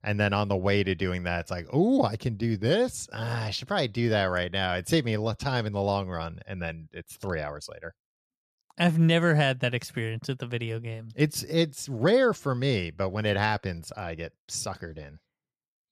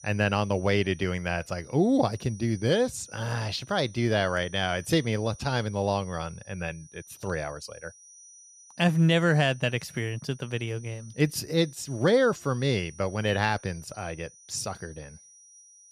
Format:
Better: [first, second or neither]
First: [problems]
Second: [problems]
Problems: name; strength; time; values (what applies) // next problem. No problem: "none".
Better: first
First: none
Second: high-pitched whine; faint; throughout; 6 kHz, 20 dB below the speech